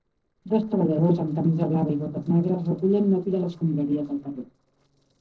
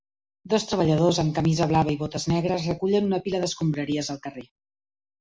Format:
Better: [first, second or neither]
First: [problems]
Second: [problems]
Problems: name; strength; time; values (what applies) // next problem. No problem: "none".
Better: second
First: noise reduction (neural separator model SepFormer DNS4)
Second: none